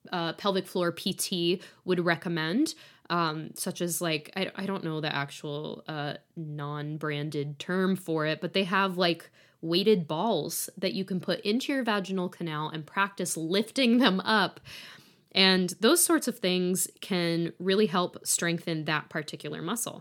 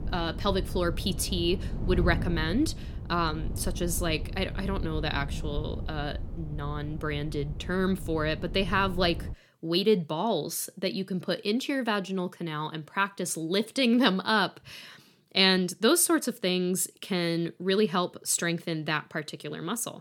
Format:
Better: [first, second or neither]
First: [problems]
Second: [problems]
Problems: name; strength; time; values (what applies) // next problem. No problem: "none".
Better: first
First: none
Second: wind noise on the microphone; occasional gusts; until 9.5 s; 20 dB below the speech